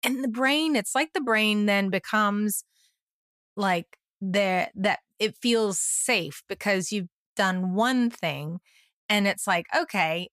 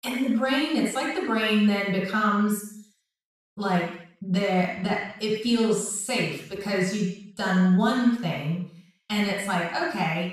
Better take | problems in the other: first | room echo; noticeable; dies away in 0.7 s // off-mic speech; far

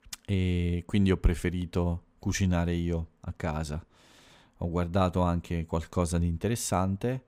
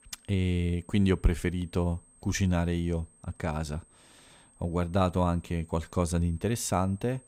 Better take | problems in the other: first | high-pitched whine; faint; throughout; 8.5 kHz, 30 dB below the speech

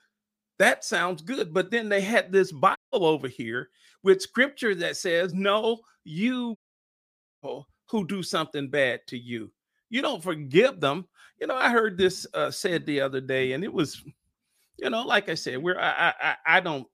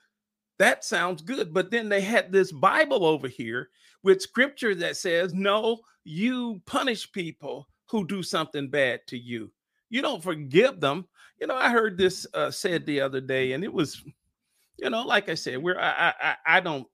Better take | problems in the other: second | audio cutting out; at 3 s and at 6.5 s for 1 s

